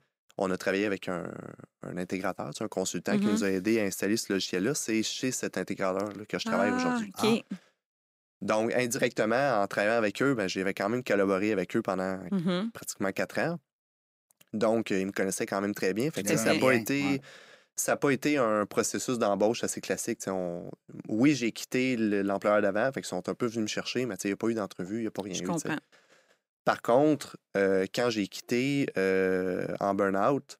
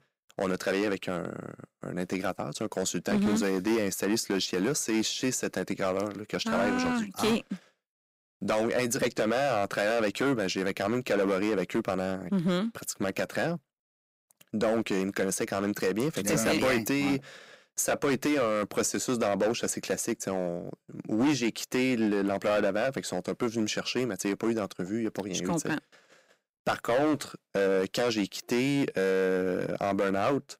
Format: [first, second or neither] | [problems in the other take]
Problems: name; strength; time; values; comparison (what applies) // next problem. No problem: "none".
first | distortion; slight; 8% of the sound clipped